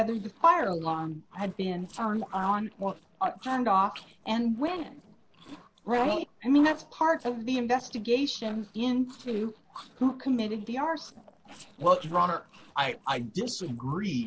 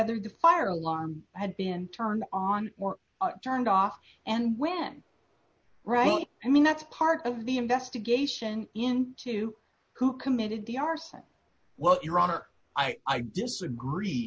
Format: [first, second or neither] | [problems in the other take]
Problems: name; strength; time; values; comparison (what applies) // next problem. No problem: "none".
second | noise reduction (neural separator model SepFormer DNS4)